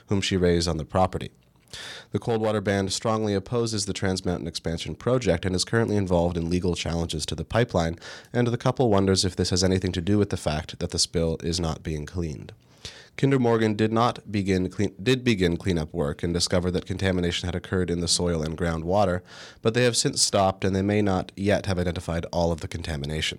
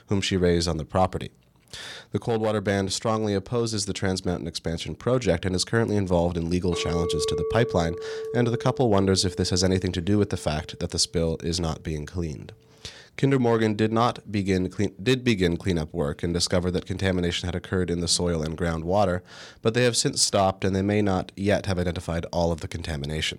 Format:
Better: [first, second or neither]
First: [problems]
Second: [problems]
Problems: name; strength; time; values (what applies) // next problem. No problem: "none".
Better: first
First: none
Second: clattering dishes; noticeable; from 6.5 to 10 s; peak 3 dB below the speech